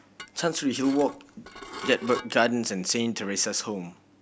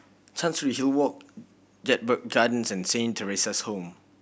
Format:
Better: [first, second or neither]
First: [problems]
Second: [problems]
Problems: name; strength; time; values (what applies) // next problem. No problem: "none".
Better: second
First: background sound (Dishes, pots, and pans / Glass); 14 dB below the speech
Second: none